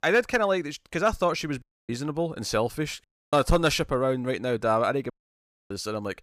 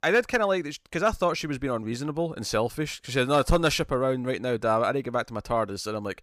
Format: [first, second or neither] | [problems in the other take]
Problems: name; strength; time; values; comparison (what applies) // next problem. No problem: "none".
second | audio cutting out; at 1.5 s, at 3 s and at 5 s for 0.5 s